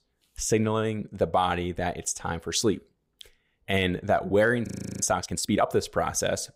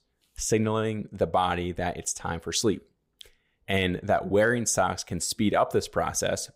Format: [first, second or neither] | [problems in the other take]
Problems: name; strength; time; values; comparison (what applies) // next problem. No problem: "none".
second | audio freezing; at 4.5 s